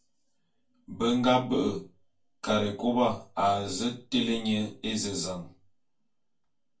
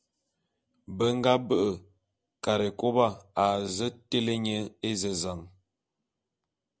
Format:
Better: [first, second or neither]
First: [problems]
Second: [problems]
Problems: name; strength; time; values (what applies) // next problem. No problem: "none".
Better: second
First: room echo; dies away in 0.2 s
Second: none